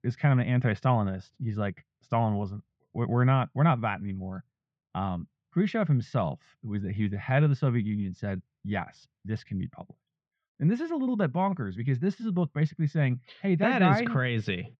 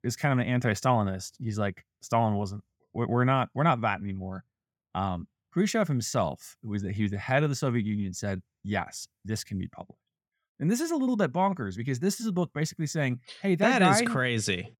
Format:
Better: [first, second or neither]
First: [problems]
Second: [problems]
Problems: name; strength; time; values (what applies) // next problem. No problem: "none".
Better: second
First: muffled; slightly; fading above 3.5 kHz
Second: none